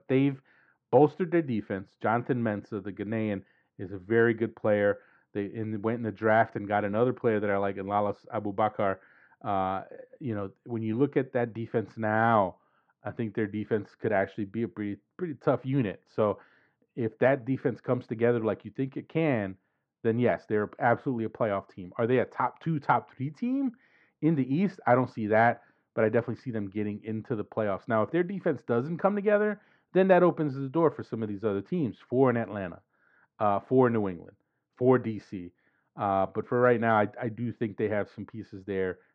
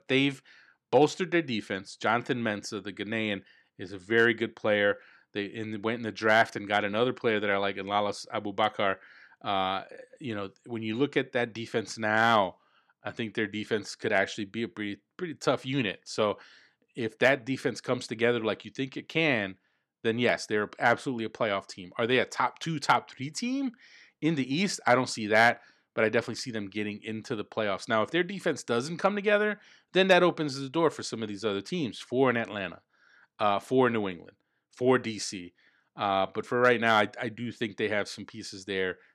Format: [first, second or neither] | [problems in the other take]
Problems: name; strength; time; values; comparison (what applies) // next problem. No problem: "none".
second | muffled; very; fading above 1 kHz